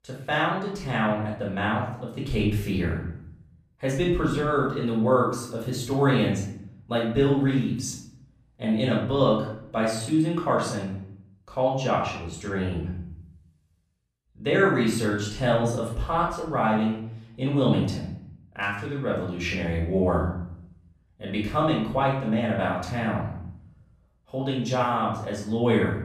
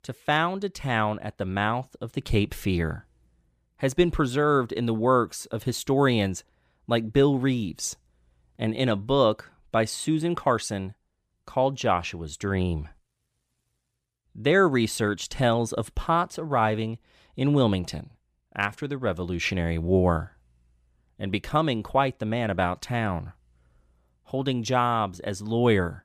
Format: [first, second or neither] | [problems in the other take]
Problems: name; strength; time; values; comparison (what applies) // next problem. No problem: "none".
second | off-mic speech; far // room echo; noticeable; dies away in 0.7 s